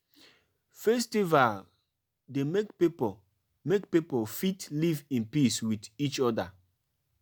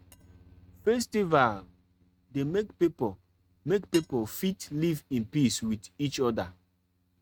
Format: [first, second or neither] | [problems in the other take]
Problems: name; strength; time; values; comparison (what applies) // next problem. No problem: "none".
first | noise reduction (neural mask model RNNoise)